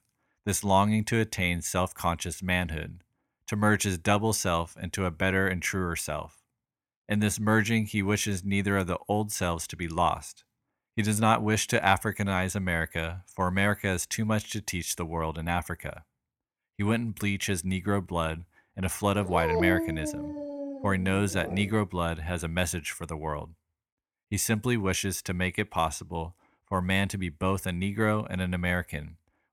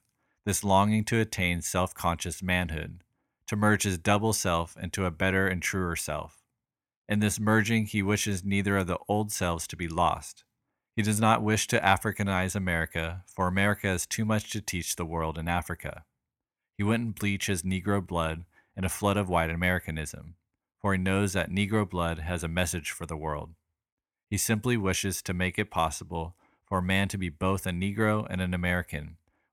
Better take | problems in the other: second | dog barking; loud; from 19 to 22 s; peak 1 dB above the speech

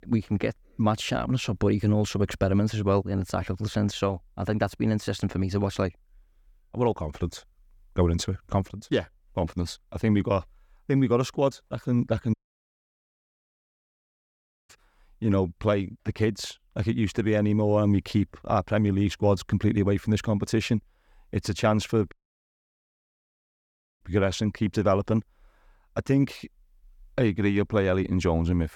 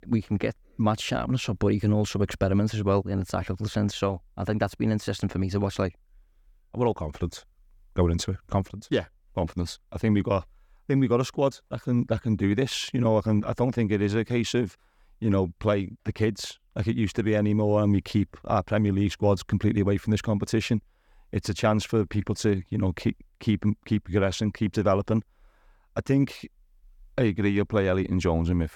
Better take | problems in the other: second | audio cutting out; at 12 s for 2.5 s and at 22 s for 2 s

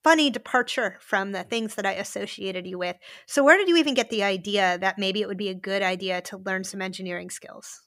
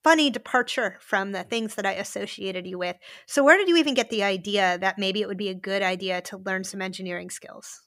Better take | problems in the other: neither | none

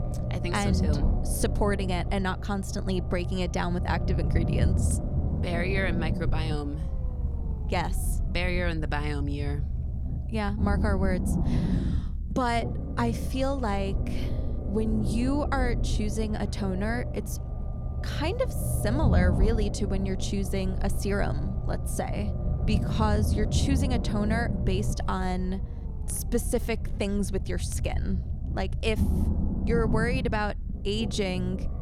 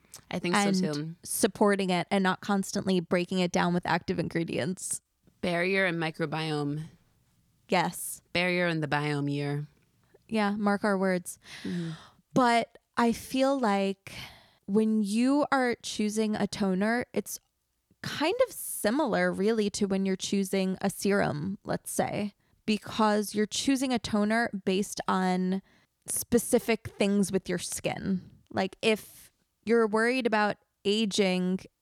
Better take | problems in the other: second | low rumble; loud; throughout; 8 dB below the speech

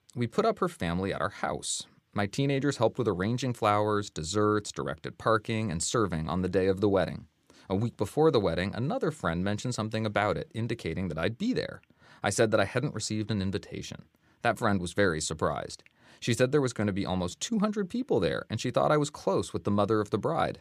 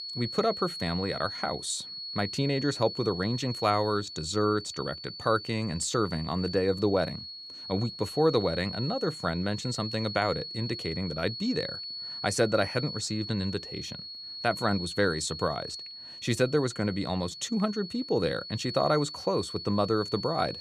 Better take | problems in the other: first | high-pitched whine; loud; throughout; 4.5 kHz, 8 dB below the speech

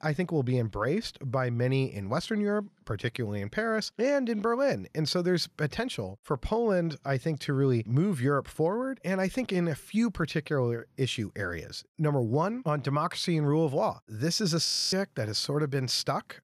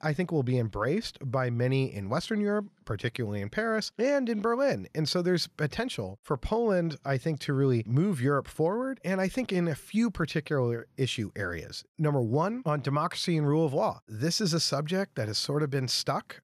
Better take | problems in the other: second | audio freezing; at 15 s

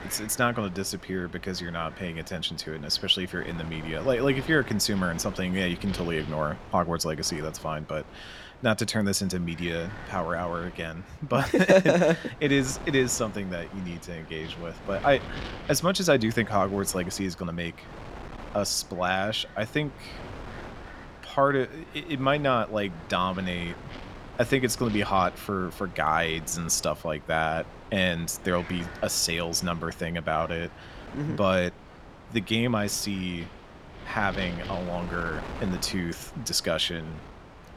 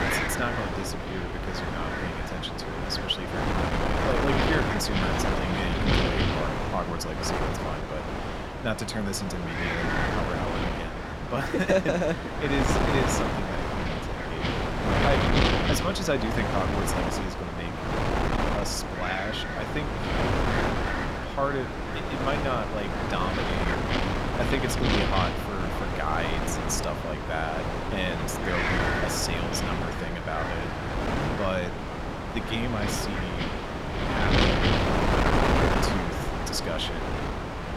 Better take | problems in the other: first | wind noise on the microphone; heavy; 3 dB above the speech; occasional gusts in the first

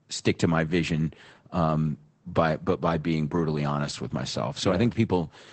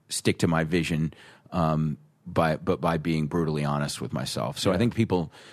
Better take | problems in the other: second | garbled, watery; badly; nothing above 8 kHz

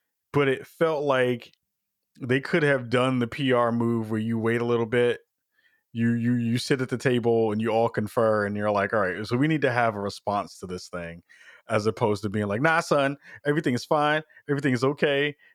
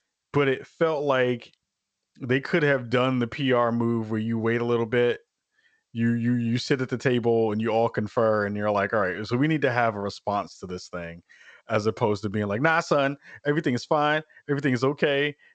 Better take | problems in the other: first | garbled, watery; slightly; nothing above 7.5 kHz

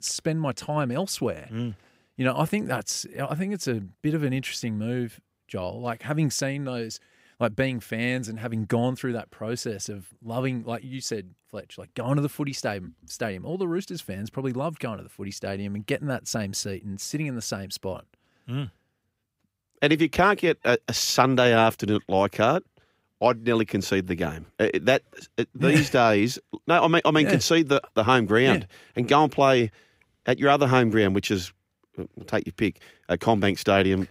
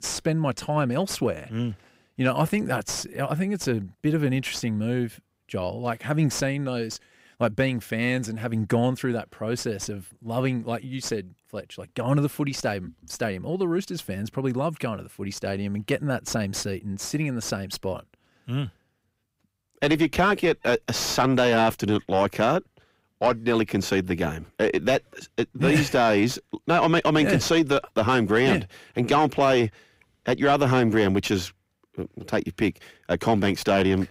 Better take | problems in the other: first | distortion; slight; 10 dB below the speech

